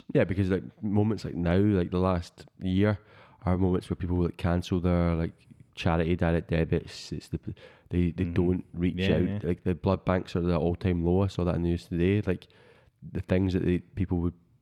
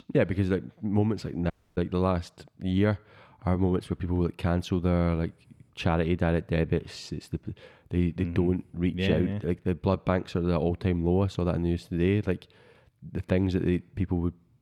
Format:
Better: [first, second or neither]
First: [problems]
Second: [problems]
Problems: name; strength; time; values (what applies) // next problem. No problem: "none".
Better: first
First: none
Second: audio cutting out; at 1.5 s